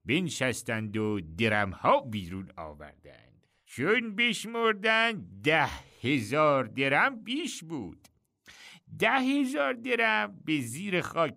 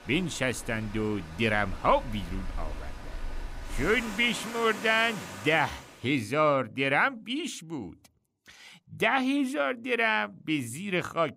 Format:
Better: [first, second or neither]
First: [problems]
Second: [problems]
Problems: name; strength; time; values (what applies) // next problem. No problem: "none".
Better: first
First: none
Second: rain or running water; noticeable; until 5.5 s; 15 dB below the speech